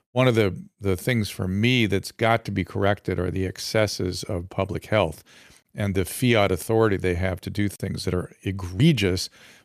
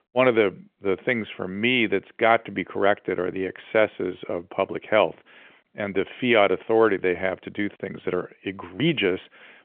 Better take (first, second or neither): first